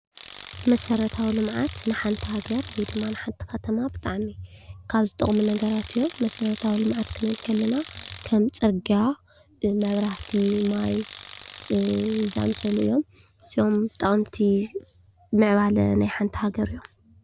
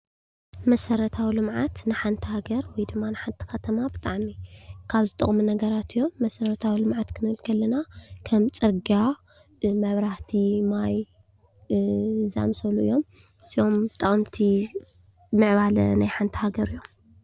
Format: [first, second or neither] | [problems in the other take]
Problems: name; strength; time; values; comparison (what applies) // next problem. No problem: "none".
second | background sound (Tools); 18 dB below the speech